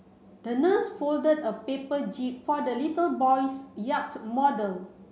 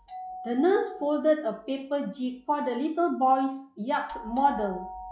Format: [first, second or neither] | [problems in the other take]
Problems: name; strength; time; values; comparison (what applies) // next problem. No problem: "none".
first | noise reduction (classical method log-MMSE)